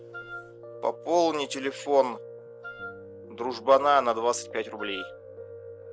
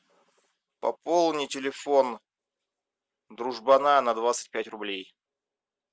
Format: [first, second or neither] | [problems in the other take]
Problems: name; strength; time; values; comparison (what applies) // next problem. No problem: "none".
second | background sound (Piano + Wind instrument, woodwind instrument); 14 dB below the speech